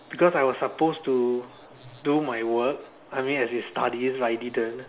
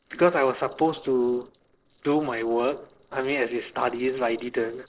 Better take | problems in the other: first | noise reduction (neural separator model SepFormer DNS4)

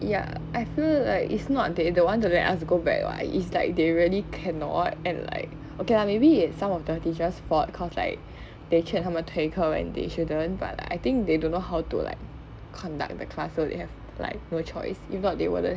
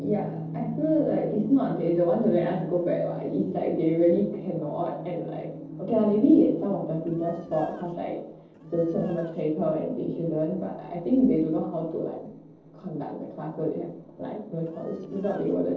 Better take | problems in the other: first | noise reduction (neural separator model SepFormer DNS4)

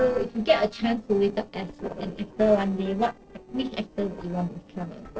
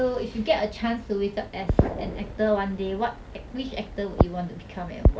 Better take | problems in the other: second | noise reduction (neural separator model SepFormer DNS4)

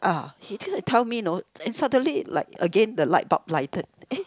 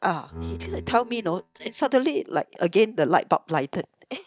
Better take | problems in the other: first | noise reduction (neural mask model DeepFilterNet 3)

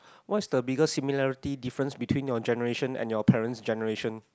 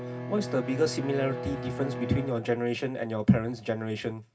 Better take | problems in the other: first | background sound (Bowed string instrument); 9 dB below the speech // room echo; dies away in 0.4 s

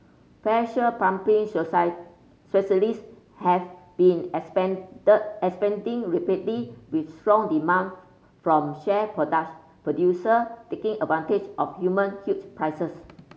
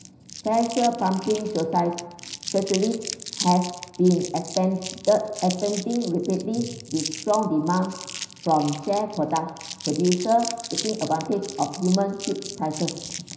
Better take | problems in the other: first | background sound (Crumpling, crinkling); 12 dB below the speech // room echo; dies away in 0.9 s

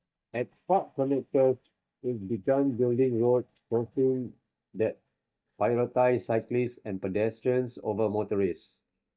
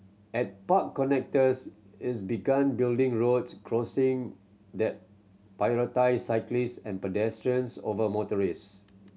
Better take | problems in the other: second | noise reduction (neural mask model DeepFilterNet 3)

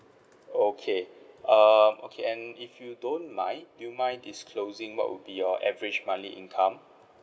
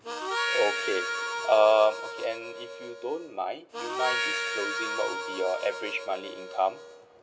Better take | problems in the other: first | background sound (Harmonica); 4 dB below the speech

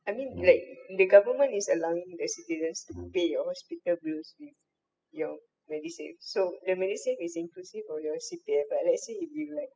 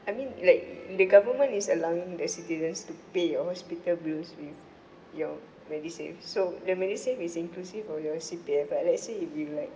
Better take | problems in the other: second | noise reduction (classical method spectral subtraction)

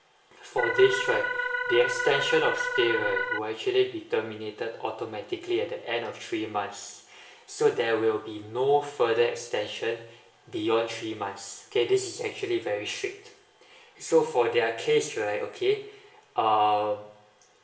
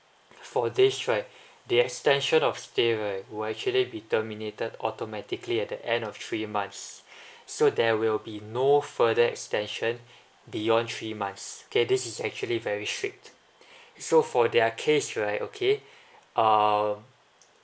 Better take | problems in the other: second | background sound (Organ); 1 dB below the speech // room echo; dies away in 0.7 s

